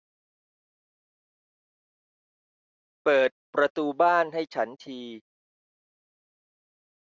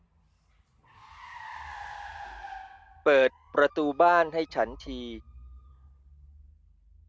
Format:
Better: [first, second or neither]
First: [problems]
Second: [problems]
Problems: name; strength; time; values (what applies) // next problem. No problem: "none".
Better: first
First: none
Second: background sound (Car); 17 dB below the speech